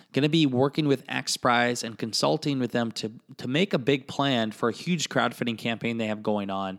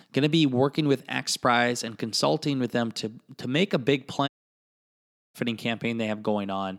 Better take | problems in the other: first | audio cutting out; at 4.5 s for 1 s

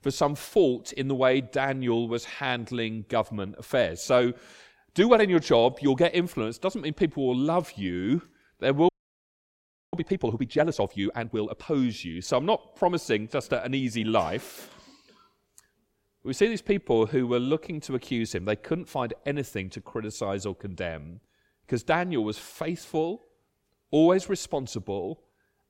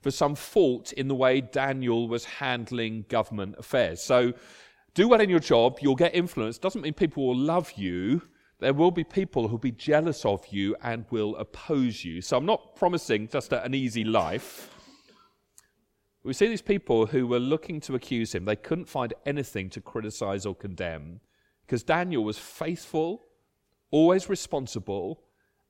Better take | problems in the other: second | audio freezing; at 9 s for 1 s

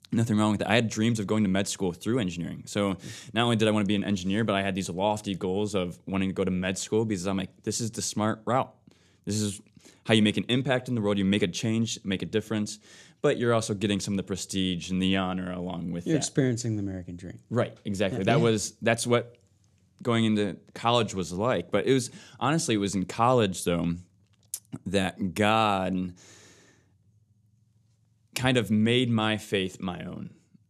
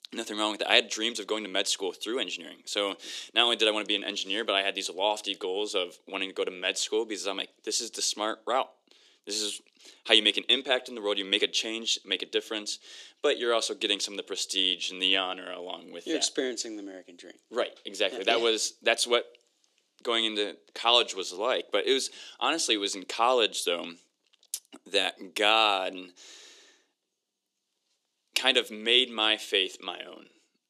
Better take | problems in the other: first | thin; very; fading below 300 Hz

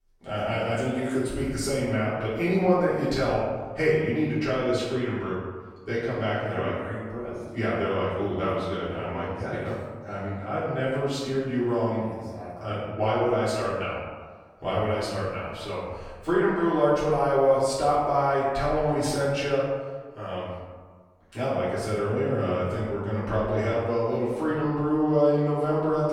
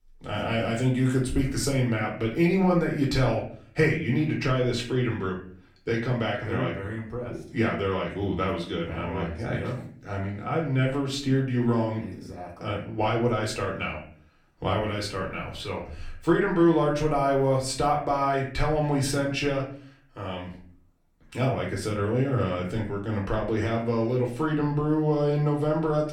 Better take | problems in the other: second | room echo; strong; dies away in 1.2 s; slight in the second // off-mic speech; far; far in the second

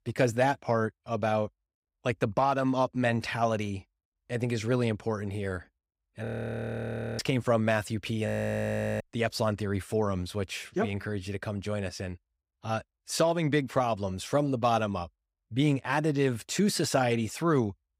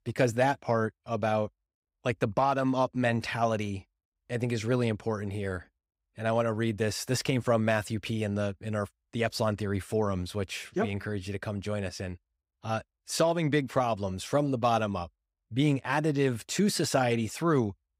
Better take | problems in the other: second | audio freezing; at 6.5 s for 1 s and at 8.5 s for 0.5 s

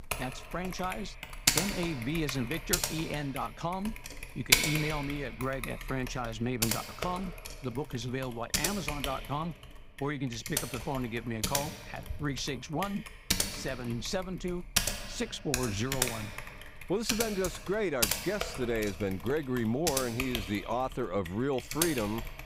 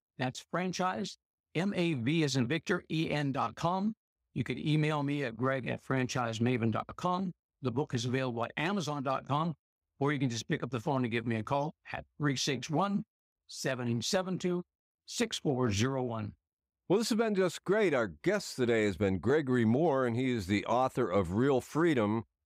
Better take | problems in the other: second | household noises; very loud; throughout; 2 dB above the speech

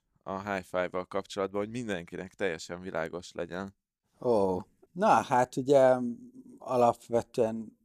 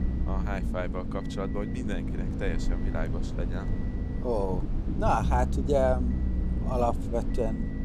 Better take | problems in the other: first | low rumble; loud; throughout; 10 dB below the speech

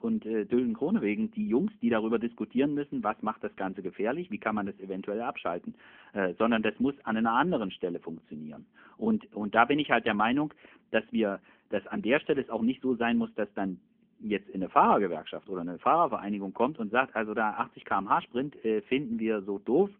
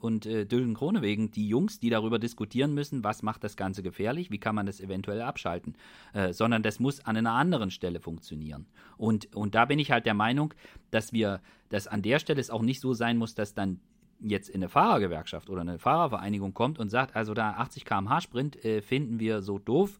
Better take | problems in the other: second | phone-call audio; nothing above 3 kHz

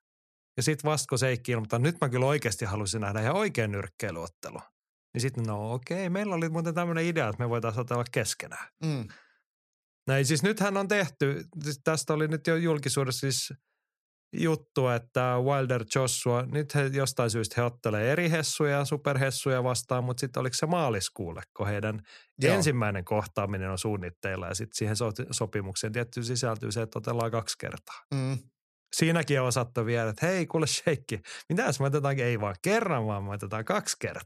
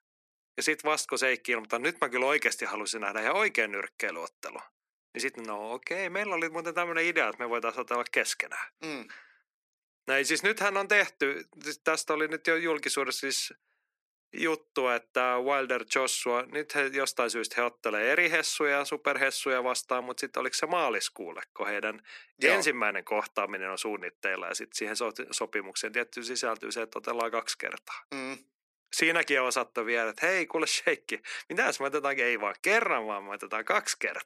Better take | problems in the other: first | thin; very; fading below 250 Hz

